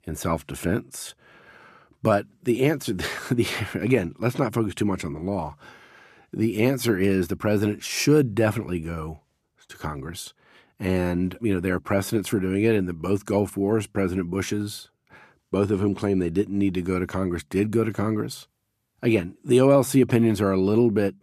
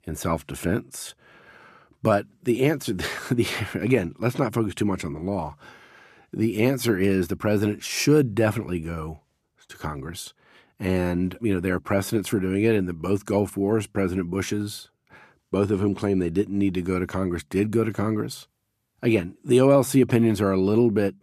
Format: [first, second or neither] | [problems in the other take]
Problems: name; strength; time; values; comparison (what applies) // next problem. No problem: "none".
neither | none